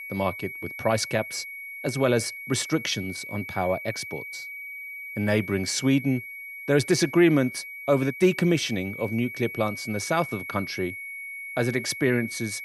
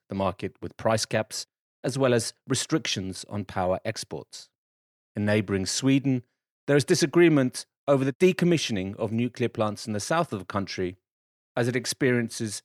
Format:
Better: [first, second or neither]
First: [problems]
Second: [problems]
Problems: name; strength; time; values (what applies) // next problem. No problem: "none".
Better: second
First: high-pitched whine; loud; throughout; 2 kHz, 10 dB below the speech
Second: none